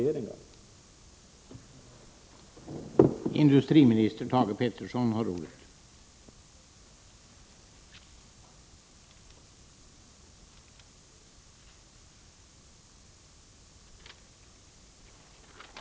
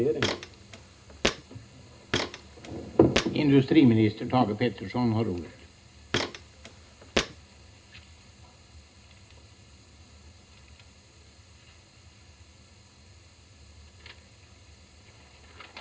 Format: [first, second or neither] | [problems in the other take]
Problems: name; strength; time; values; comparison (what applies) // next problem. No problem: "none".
first | background sound (Walk, footsteps); 4 dB below the speech // room echo; dies away in 0.2 s